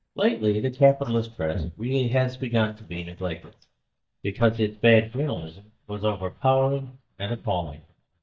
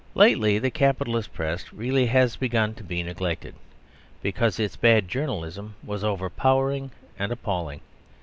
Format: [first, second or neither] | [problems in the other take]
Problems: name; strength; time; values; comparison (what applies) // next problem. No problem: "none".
second | noise reduction (neural mask model DeepFilterNet 3)